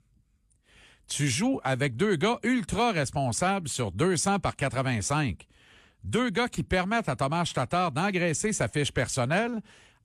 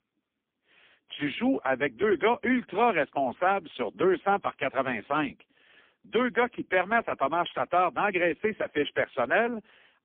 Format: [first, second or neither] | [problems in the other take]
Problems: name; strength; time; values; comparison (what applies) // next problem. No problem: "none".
first | phone-call audio; poor line; nothing above 3.5 kHz